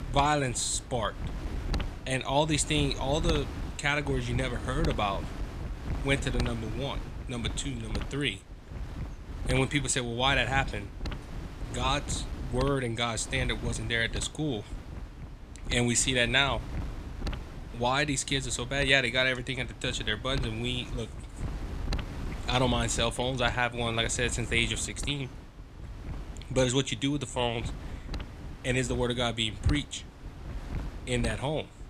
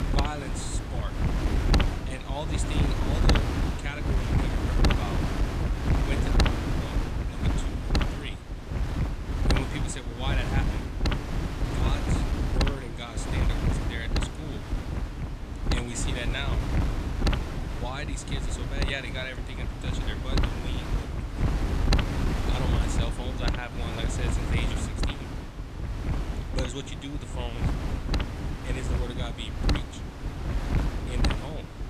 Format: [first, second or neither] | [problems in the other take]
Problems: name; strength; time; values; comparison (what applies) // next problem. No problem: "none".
first | wind noise on the microphone; heavy; 3 dB above the speech; occasional gusts in the first